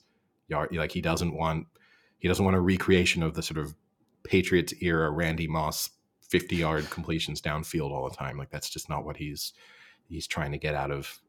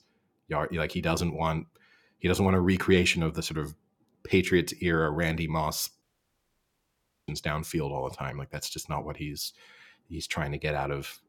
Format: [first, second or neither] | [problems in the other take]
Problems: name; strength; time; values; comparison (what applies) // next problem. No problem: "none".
first | audio cutting out; at 6 s for 1.5 s